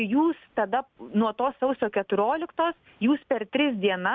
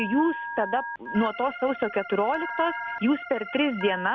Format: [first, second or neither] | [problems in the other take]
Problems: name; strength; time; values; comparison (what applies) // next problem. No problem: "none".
first | background sound (Telephone + Organ); 9 dB below the speech